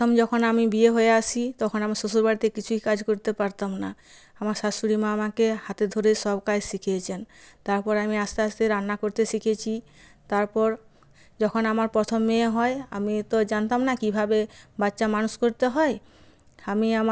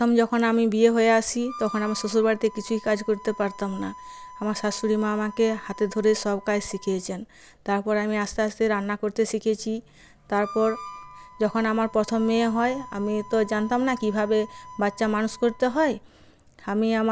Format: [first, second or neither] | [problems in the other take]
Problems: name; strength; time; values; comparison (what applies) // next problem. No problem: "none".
first | background sound (Harmonica); 19 dB below the speech